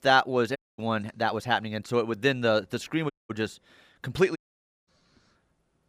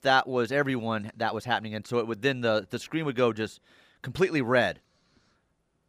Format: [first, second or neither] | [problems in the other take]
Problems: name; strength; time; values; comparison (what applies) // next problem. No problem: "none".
second | audio cutting out; at 0.5 s, at 3 s and at 4.5 s for 0.5 s